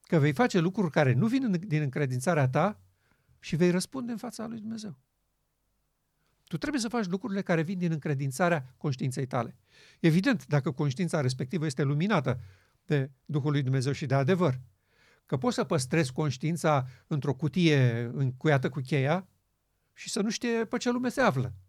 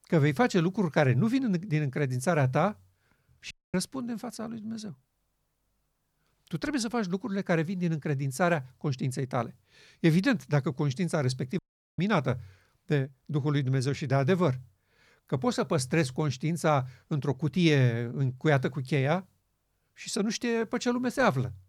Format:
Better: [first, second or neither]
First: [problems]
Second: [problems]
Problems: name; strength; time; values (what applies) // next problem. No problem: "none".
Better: first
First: none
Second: audio cutting out; at 3.5 s and at 12 s